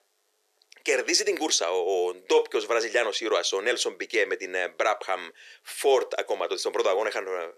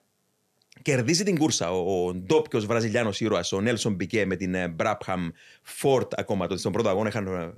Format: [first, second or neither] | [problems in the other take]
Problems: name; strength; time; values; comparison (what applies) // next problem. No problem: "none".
second | thin; very; fading below 400 Hz